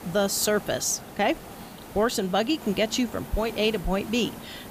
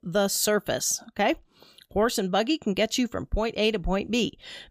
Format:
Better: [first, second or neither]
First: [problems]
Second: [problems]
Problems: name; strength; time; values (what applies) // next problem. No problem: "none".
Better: second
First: hiss; noticeable; throughout; 15 dB below the speech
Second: none